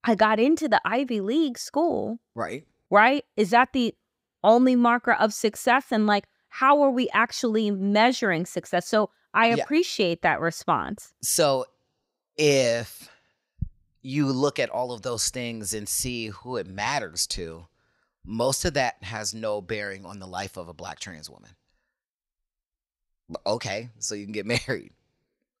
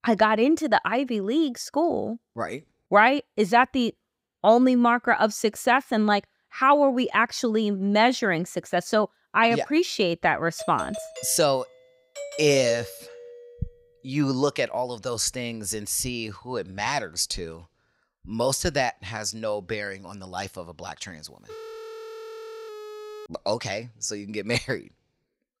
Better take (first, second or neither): first